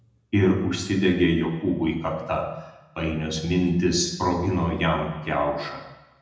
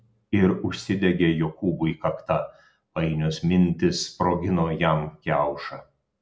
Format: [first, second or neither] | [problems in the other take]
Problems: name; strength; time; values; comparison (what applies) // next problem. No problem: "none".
second | room echo; dies away in 0.9 s